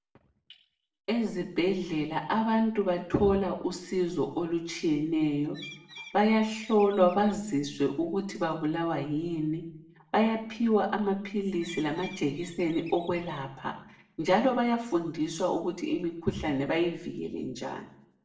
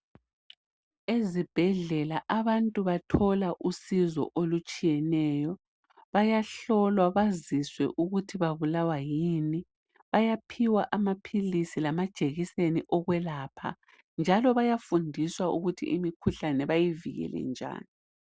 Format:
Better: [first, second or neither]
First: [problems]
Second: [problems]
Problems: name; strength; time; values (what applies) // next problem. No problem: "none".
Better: second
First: background sound (Bird); 19 dB below the speech // room echo; dies away in 0.6 s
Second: none